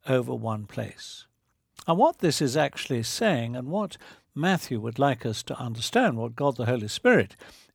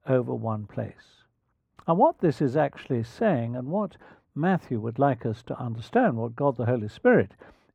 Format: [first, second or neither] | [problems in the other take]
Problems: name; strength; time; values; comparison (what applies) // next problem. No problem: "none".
first | muffled; very; fading above 2.5 kHz